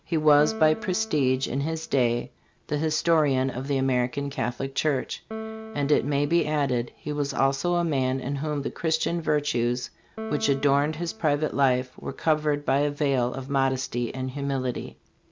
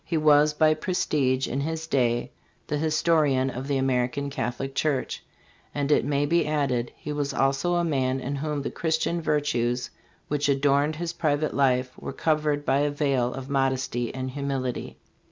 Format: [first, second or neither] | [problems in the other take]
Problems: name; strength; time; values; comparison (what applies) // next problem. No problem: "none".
second | background sound (Piano); 16 dB below the speech